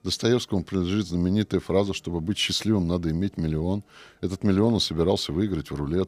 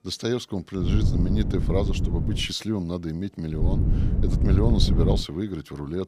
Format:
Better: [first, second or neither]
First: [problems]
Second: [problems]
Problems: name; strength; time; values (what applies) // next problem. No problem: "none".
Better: first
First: none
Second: wind noise on the microphone; heavy; from 1 to 2.5 s and from 3.5 to 5 s; 5 dB below the speech